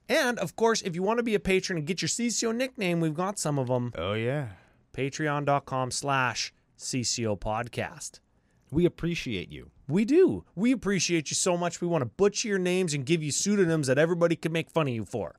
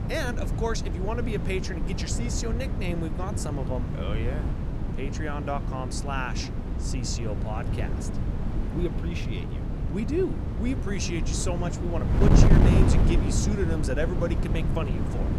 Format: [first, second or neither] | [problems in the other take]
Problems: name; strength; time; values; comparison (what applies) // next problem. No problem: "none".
first | wind noise on the microphone; heavy; 3 dB below the speech